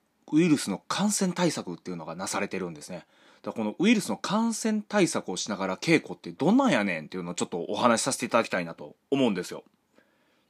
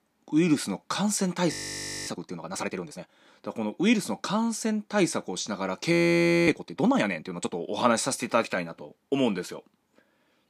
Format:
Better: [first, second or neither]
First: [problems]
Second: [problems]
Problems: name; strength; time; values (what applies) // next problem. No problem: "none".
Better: first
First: none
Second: audio freezing; at 1.5 s for 0.5 s and at 6 s for 0.5 s